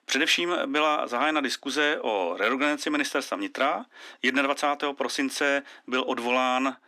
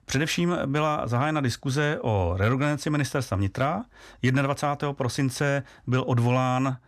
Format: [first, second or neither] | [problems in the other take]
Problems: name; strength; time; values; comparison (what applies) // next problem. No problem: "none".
second | thin; somewhat; fading below 250 Hz